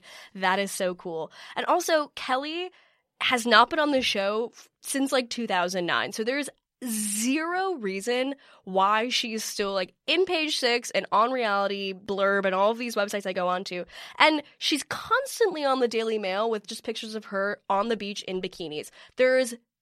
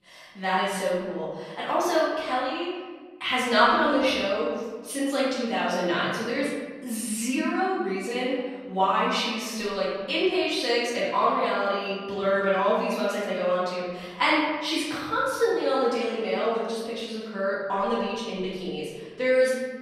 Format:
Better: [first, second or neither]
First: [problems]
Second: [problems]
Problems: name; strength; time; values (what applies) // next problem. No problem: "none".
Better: first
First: none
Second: room echo; noticeable; dies away in 1.4 s // off-mic speech; far